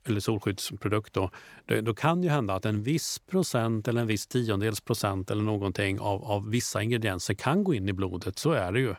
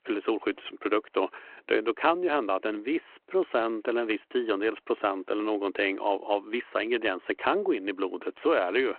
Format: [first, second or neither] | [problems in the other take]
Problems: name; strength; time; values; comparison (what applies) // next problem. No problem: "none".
first | phone-call audio